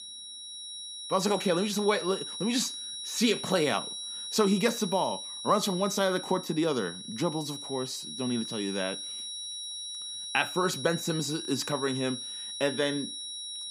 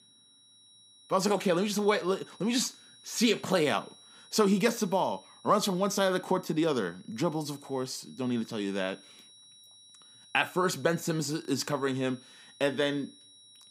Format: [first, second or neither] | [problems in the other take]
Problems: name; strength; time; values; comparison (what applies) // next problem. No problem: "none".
second | high-pitched whine; loud; throughout; 4 kHz, 7 dB below the speech; faint in the second